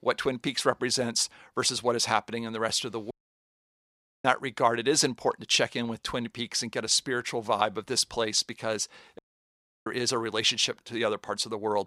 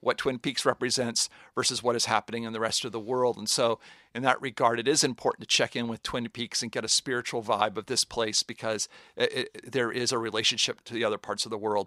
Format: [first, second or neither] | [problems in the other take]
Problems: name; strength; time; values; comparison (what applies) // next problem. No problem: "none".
second | audio cutting out; at 3 s for 1 s and at 9 s for 0.5 s